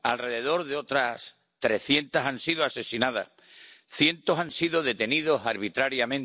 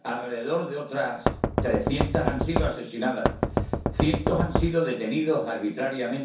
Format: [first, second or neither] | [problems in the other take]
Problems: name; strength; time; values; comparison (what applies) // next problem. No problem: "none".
first | background sound (Knock); 1 dB above the speech // room echo; dies away in 0.6 s